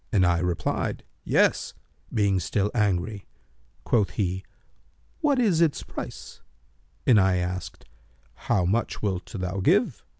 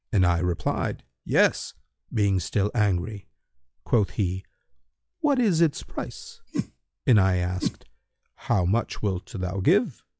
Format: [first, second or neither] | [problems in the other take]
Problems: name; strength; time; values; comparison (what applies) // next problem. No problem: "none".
first | noise reduction (classical method log-MMSE)